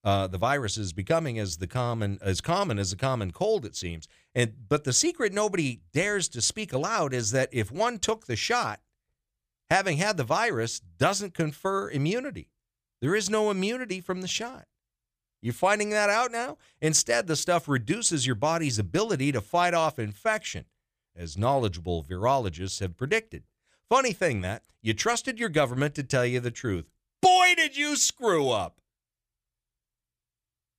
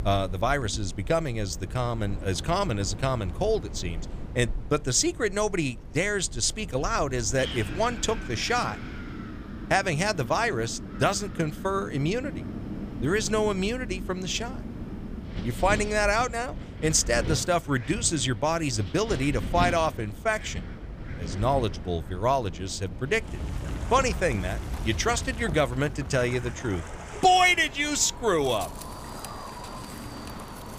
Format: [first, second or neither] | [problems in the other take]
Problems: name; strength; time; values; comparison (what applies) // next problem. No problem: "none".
first | wind in the background; noticeable; throughout; 10 dB below the speech